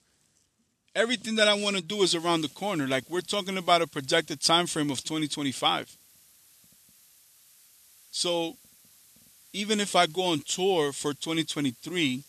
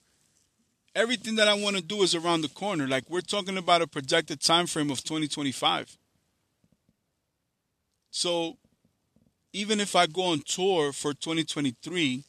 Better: second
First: hiss; faint; from 2 s on; 25 dB below the speech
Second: none

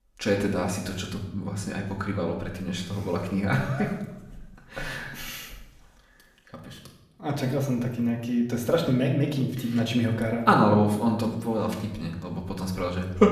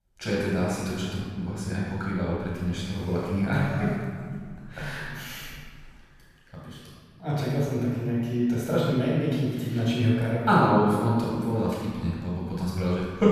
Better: first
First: room echo; slight; dies away in 0.8 s // off-mic speech; far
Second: room echo; strong; dies away in 2 s // off-mic speech; far

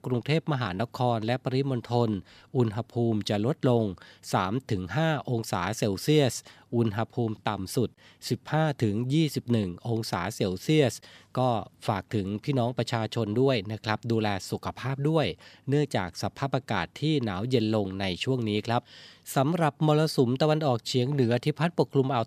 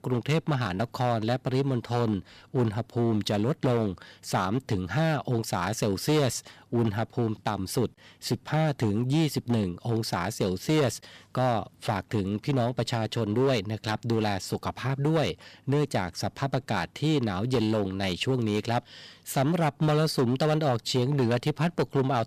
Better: first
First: none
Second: distortion; slight; 7% of the sound clipped

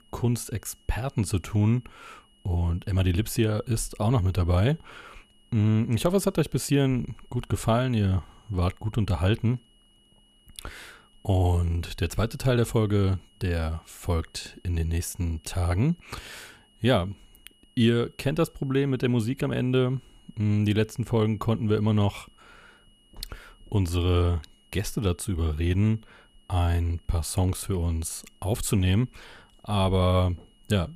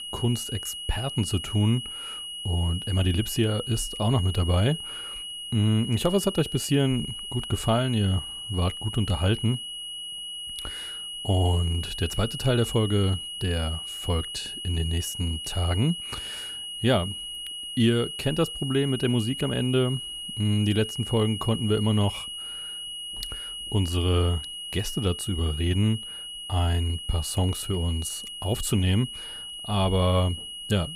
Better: first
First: high-pitched whine; faint; throughout; 3 kHz, 35 dB below the speech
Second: high-pitched whine; loud; throughout; 3 kHz, 7 dB below the speech

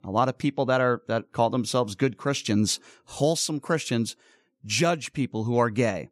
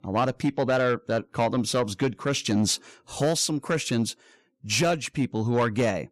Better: first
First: none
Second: distortion; slight; 10 dB below the speech

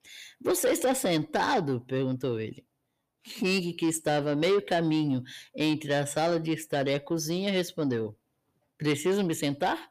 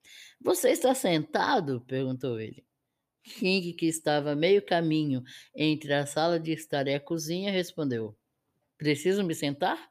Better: second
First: distortion; slight; 10 dB below the speech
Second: none

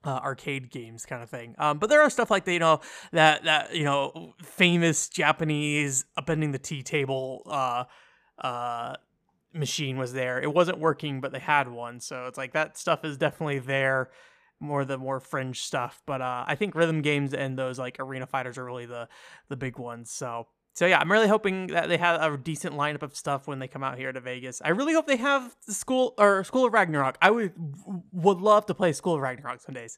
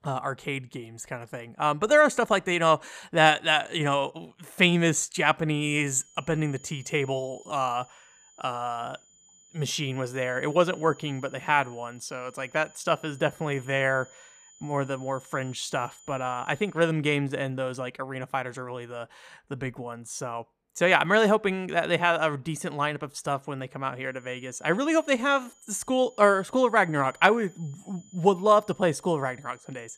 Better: first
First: none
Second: high-pitched whine; faint; from 5.5 to 17 s and from 24 s on; 7 kHz, 25 dB below the speech

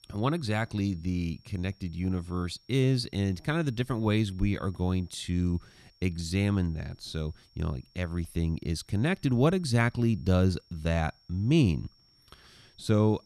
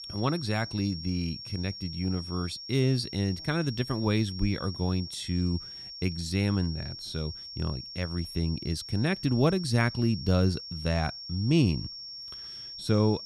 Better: first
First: high-pitched whine; faint; throughout; 5.5 kHz, 30 dB below the speech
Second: high-pitched whine; loud; throughout; 5.5 kHz, 10 dB below the speech

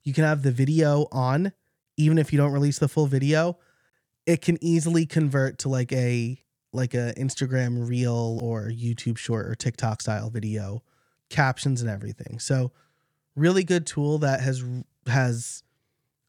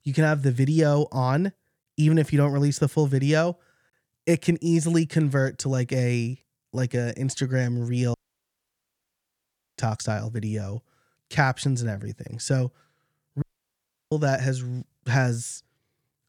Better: first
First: none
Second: audio cutting out; at 8 s for 1.5 s and at 13 s for 0.5 s

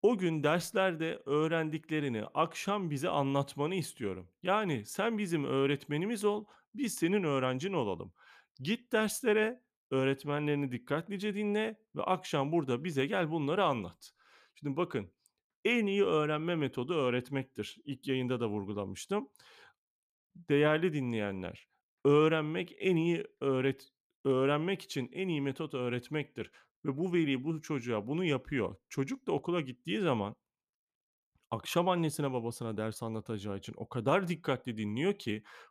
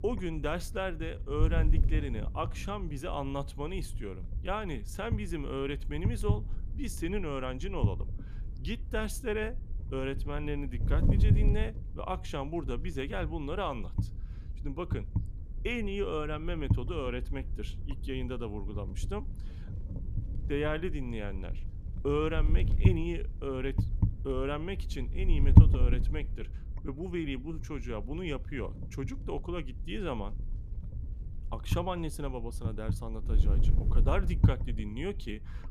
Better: first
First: none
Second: wind noise on the microphone; heavy; 8 dB below the speech

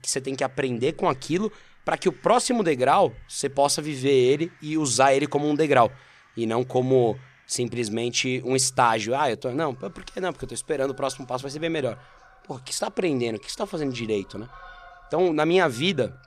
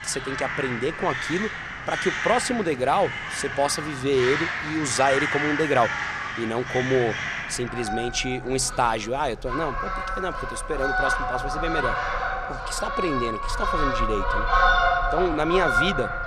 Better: first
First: animal sounds; faint; throughout; 30 dB below the speech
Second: animal sounds; loud; throughout; as loud as the speech

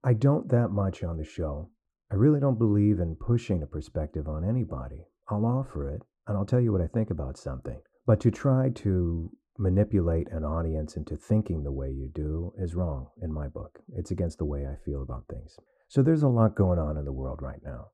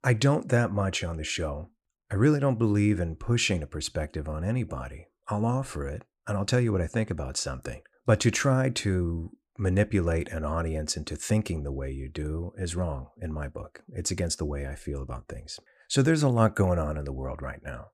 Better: second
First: muffled; very; fading above 1 kHz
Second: none

